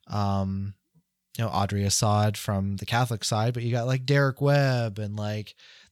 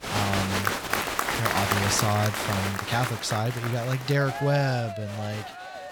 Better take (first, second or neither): first